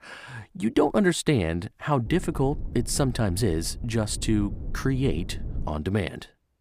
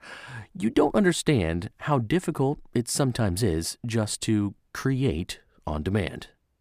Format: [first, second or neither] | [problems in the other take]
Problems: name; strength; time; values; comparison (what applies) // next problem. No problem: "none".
second | low rumble; faint; from 2 to 5.5 s; 20 dB below the speech